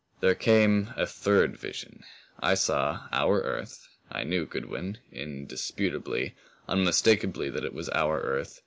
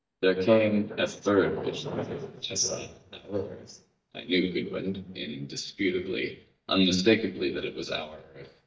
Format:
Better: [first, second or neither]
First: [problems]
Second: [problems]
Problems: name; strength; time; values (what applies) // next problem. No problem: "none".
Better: first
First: none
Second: noise reduction (neural mask model DeepFilterNet 3)